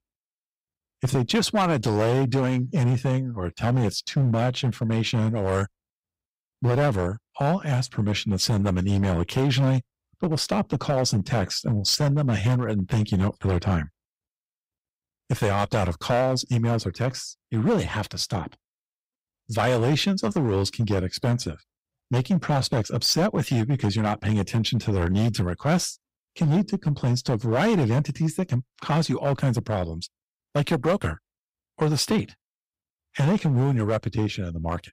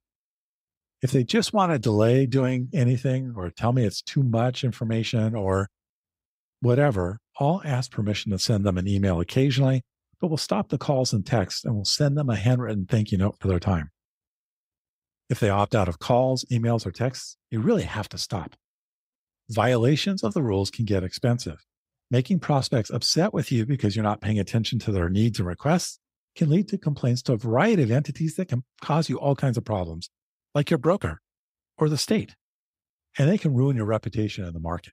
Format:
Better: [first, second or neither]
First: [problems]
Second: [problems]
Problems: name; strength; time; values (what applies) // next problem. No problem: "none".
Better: second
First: distortion; slight; 8% of the sound clipped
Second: none